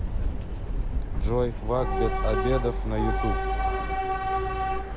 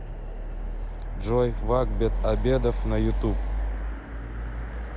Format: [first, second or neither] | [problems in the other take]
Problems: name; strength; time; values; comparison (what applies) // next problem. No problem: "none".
second | background sound (Subway, metro, underground / Train); as loud as the speech